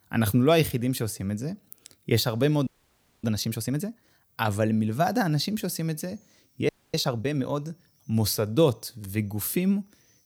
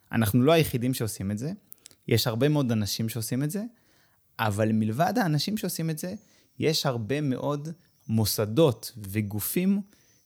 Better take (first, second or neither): second